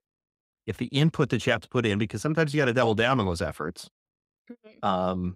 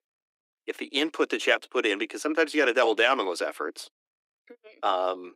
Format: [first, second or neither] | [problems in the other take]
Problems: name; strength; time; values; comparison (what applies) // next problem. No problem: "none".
first | thin; somewhat; fading below 300 Hz